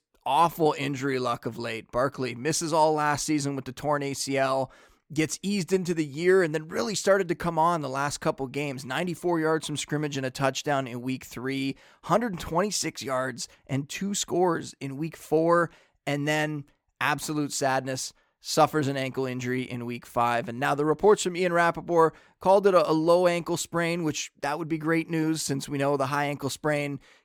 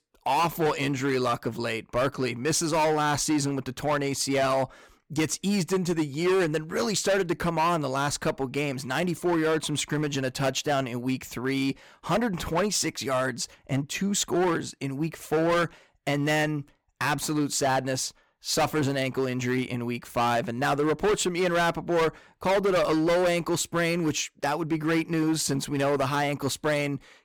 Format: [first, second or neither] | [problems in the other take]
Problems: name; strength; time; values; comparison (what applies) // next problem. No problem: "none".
first | distortion; heavy; 12% of the sound clipped